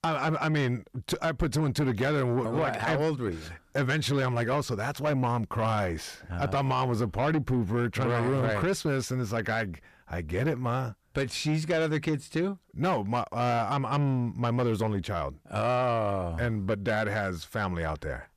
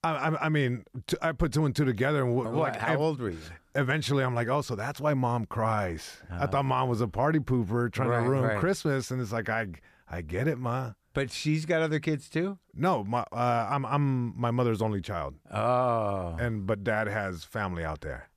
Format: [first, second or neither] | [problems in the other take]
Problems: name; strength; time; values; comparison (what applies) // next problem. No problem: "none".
second | distortion; slight; 10 dB below the speech